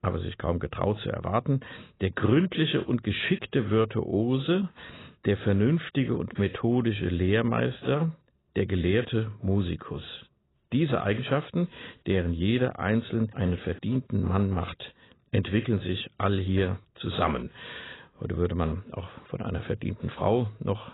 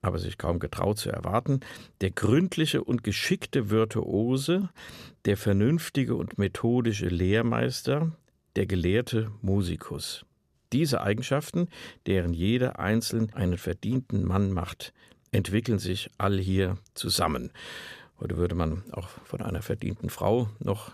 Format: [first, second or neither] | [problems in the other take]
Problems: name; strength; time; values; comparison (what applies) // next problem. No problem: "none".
second | garbled, watery; badly; nothing above 4 kHz